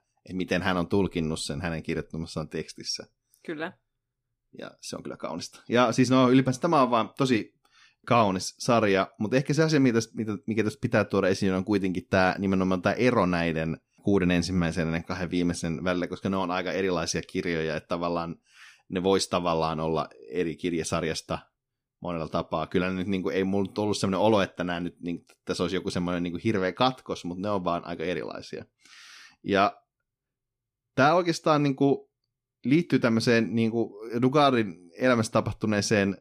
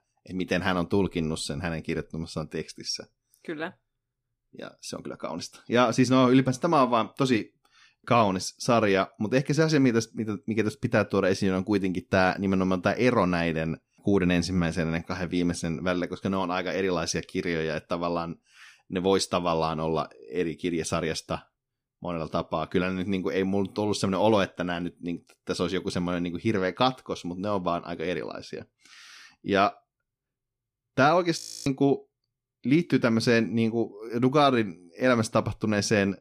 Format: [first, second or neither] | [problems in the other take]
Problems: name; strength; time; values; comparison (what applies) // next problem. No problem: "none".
first | audio freezing; at 31 s